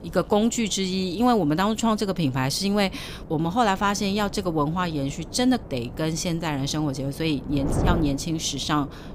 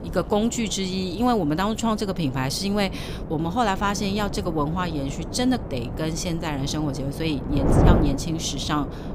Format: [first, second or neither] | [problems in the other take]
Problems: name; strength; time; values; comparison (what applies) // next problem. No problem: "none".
first | wind noise on the microphone; heavy; 8 dB below the speech; occasional gusts in the first